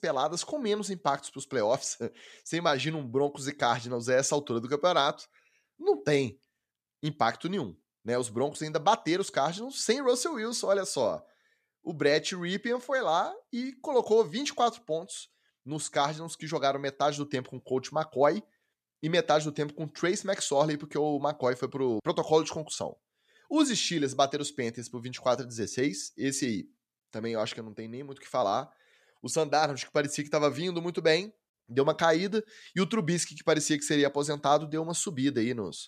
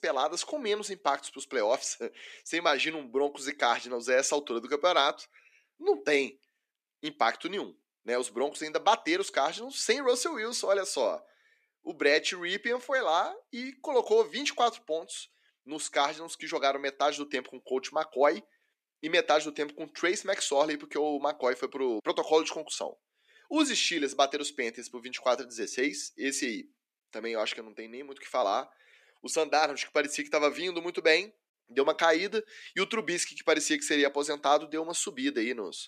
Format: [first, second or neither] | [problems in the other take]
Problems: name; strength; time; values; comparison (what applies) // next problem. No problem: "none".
first | thin; very slightly; fading below 300 Hz